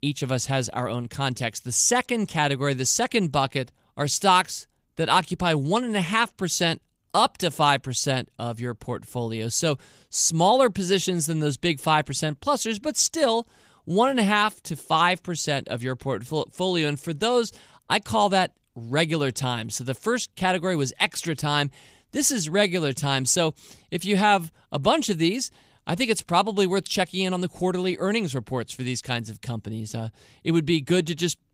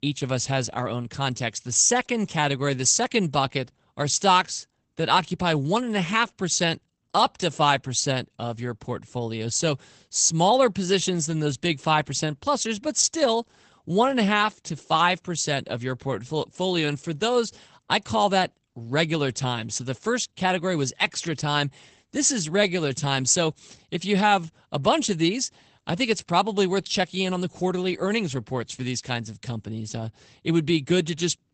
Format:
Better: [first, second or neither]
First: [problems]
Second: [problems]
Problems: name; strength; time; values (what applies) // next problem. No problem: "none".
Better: first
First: garbled, watery; slightly; nothing above 15.5 kHz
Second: garbled, watery; badly; nothing above 8 kHz